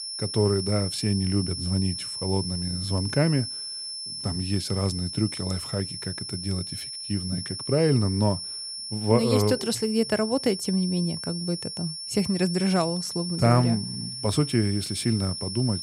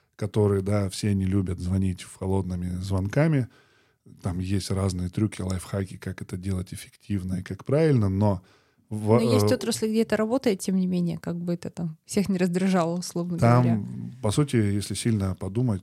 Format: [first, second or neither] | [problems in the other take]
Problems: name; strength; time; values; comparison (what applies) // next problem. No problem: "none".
second | high-pitched whine; loud; throughout; 5.5 kHz, 6 dB below the speech